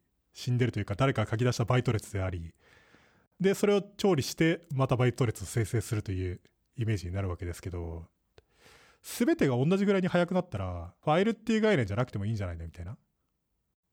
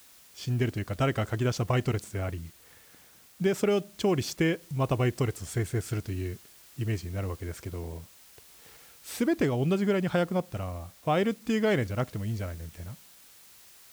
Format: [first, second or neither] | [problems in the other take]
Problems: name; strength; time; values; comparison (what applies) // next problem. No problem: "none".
first | hiss; faint; throughout; 25 dB below the speech